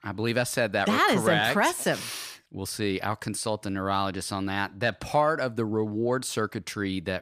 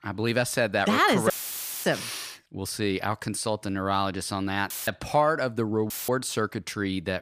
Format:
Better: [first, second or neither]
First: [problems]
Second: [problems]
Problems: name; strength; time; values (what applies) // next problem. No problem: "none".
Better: first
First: none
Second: audio cutting out; filled with static; at 1.5 s for 0.5 s, at 4.5 s and at 6 s